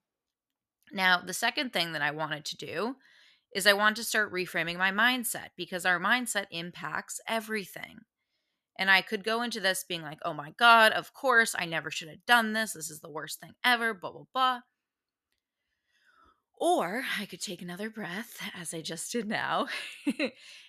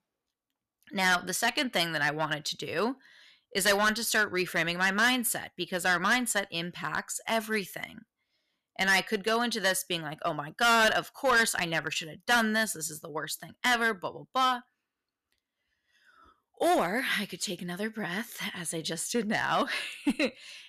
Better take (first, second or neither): first